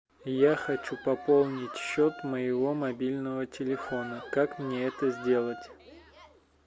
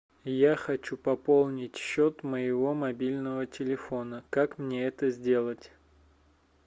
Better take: second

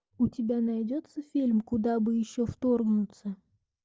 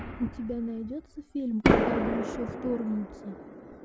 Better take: first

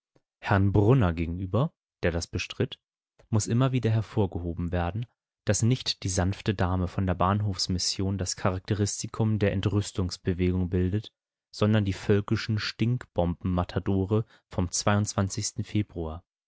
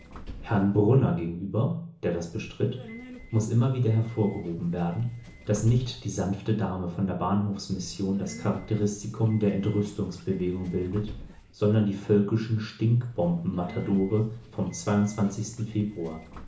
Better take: first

